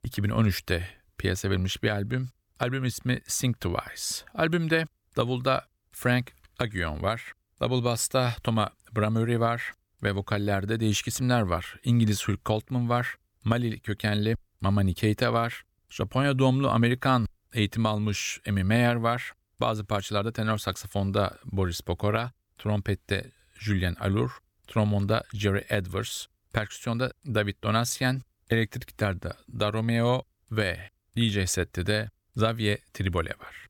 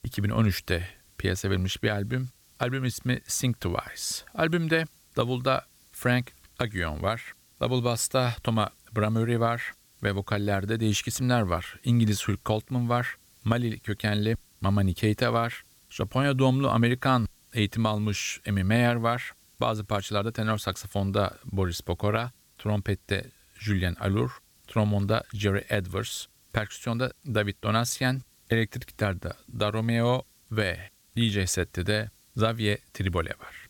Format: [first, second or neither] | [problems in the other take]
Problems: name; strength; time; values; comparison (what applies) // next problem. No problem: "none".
first | hiss; faint; throughout; 30 dB below the speech